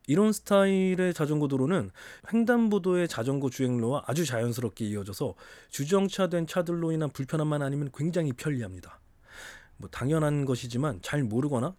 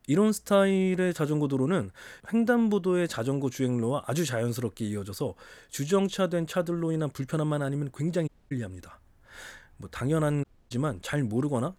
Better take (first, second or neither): first